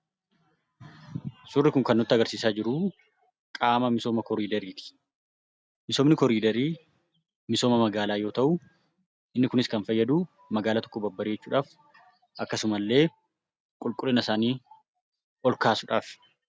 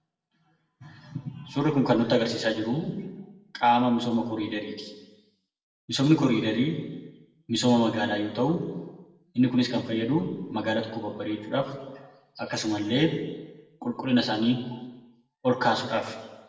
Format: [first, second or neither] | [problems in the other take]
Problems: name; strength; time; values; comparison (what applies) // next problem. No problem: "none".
first | room echo; dies away in 1 s